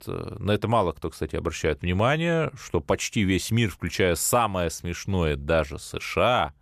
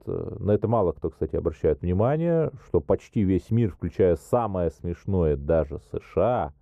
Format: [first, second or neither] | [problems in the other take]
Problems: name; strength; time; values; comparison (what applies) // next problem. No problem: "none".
first | muffled; very; fading above 1.5 kHz